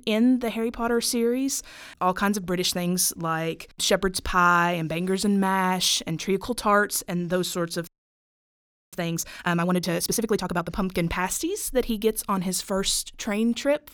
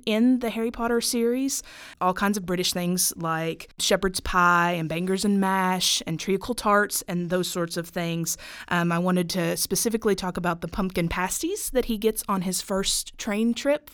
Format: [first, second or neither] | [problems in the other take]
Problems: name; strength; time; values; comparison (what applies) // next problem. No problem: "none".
second | audio freezing; at 8 s for 1 s